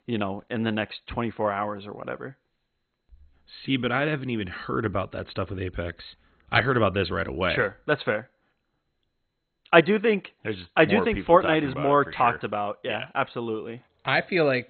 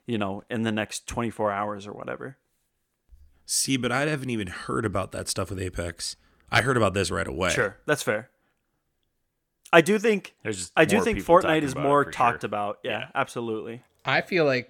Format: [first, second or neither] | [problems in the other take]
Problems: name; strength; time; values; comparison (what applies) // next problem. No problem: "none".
second | garbled, watery; badly; nothing above 4 kHz